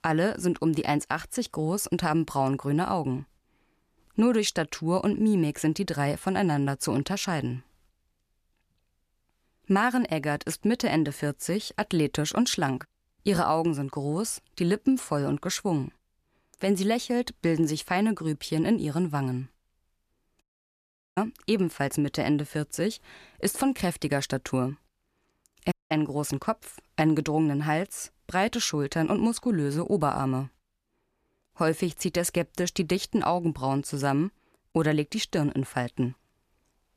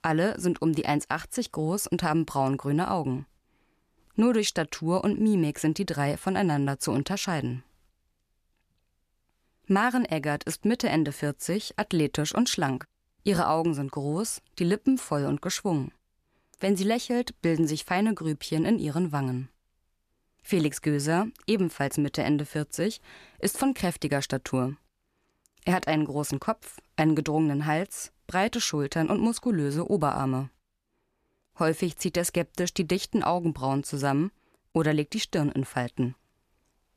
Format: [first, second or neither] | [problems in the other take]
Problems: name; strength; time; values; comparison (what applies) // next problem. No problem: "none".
second | audio cutting out; at 20 s for 1 s and at 26 s